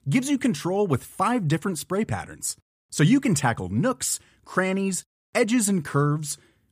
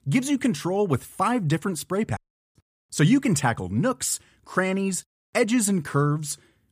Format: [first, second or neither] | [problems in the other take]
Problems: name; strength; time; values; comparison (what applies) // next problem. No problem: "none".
first | audio cutting out; at 2 s